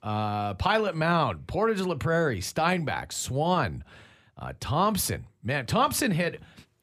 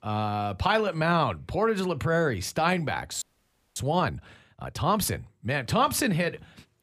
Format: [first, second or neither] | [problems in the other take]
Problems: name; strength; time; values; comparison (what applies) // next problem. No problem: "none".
first | audio freezing; at 3 s for 0.5 s